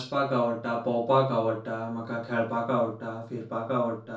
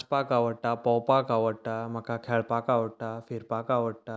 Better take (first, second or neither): second